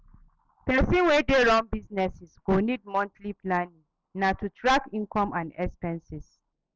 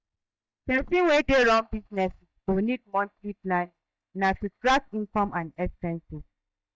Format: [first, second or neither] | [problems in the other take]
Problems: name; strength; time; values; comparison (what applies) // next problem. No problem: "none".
first | noise reduction (neural mask model DeepFilterNet 3)